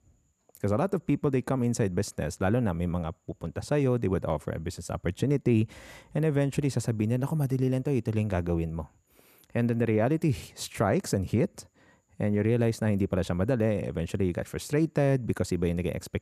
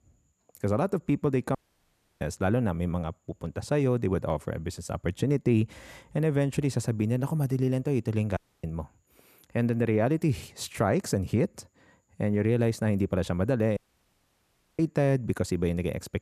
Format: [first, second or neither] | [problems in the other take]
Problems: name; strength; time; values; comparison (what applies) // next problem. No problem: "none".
first | audio cutting out; at 1.5 s for 0.5 s, at 8.5 s and at 14 s for 1 s